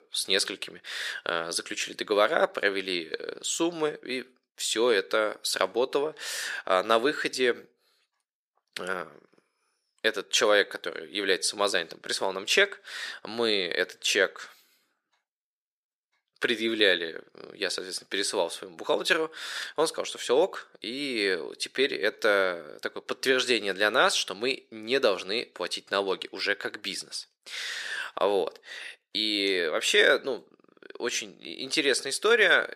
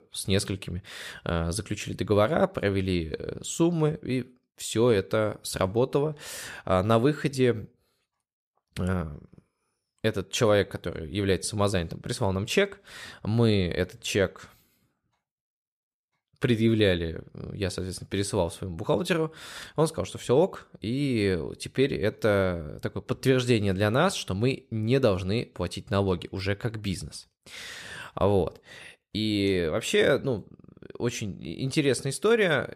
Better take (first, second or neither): second